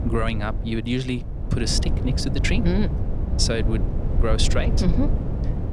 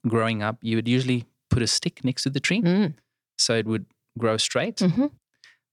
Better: second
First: wind noise on the microphone; heavy; 8 dB below the speech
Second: none

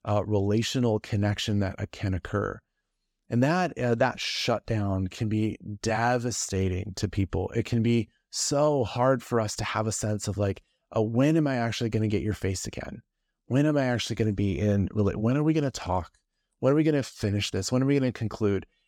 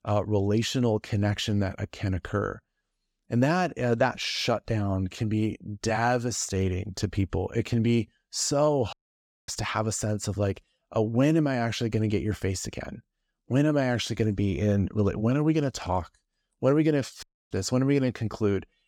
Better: first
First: none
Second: audio cutting out; at 9 s for 0.5 s and at 17 s

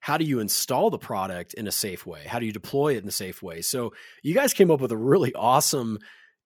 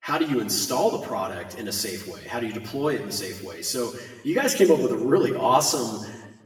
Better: first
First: none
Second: room echo; noticeable; dies away in 1.1 s // off-mic speech; far

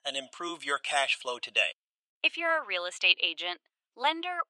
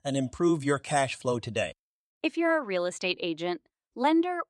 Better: second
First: thin; very; fading below 750 Hz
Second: none

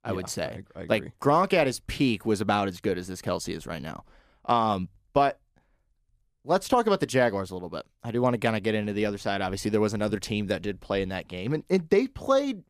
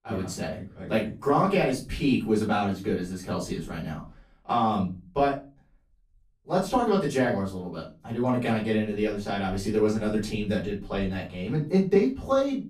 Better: first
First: none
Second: off-mic speech; far // room echo; slight; dies away in 0.3 s

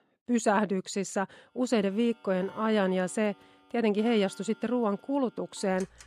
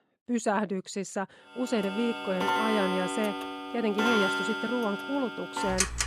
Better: first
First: household noises; faint; from 2 s on; 25 dB below the speech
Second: household noises; loud; from 2 s on; as loud as the speech

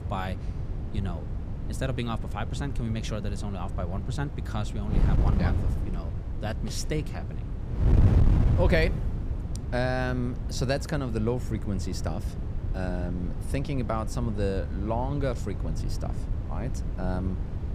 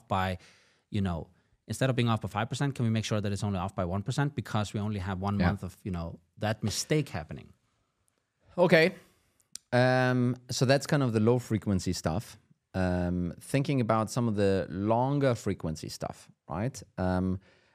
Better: second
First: wind noise on the microphone; heavy; 8 dB below the speech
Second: none

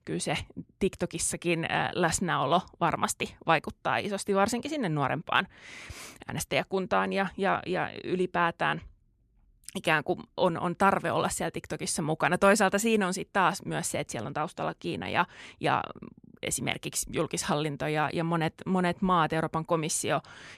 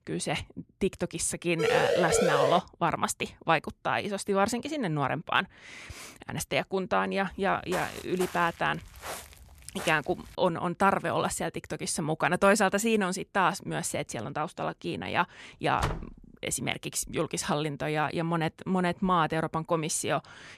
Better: first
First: none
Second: siren; loud; at 1.5 s; peak 3 dB above the speech // footsteps; noticeable; from 7.5 to 10 s; peak 9 dB below the speech // door banging; noticeable; at 16 s; peak 5 dB below the speech

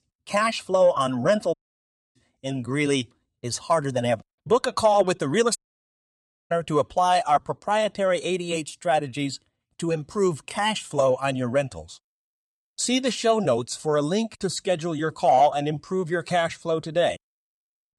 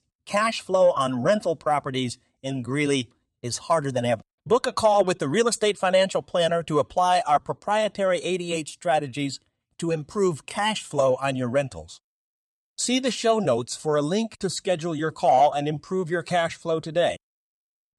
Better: second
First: audio cutting out; at 1.5 s for 0.5 s and at 5.5 s for 1 s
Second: none

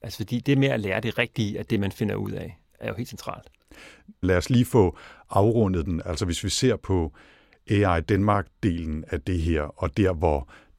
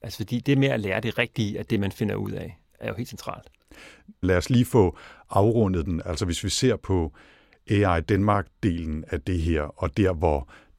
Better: neither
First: none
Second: none

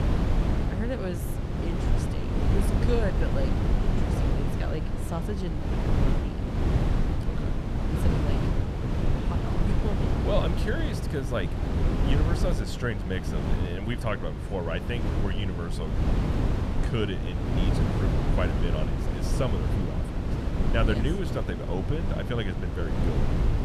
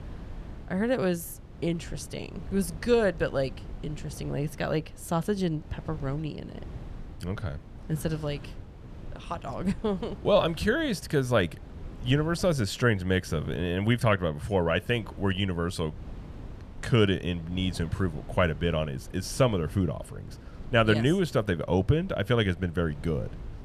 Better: second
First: wind noise on the microphone; heavy; 1 dB below the speech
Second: wind noise on the microphone; occasional gusts; 25 dB below the speech

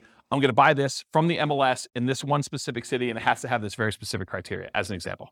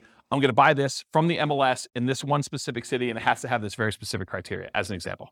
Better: neither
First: none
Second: none

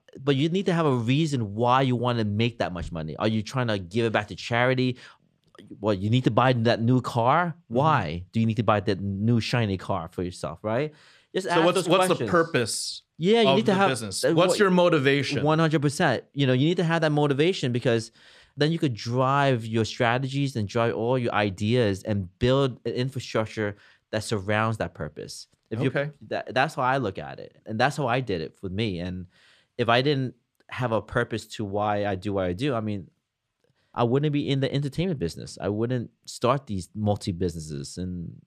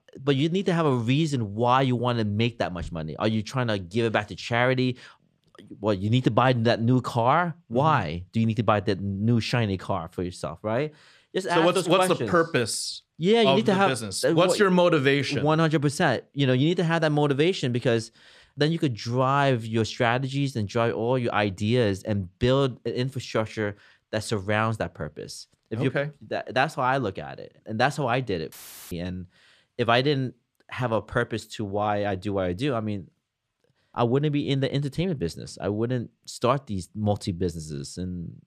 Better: first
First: none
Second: audio cutting out; filled with static; at 29 s

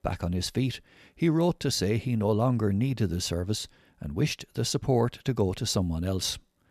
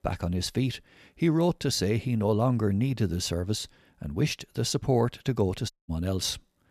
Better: first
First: none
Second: audio cutting out; at 5.5 s

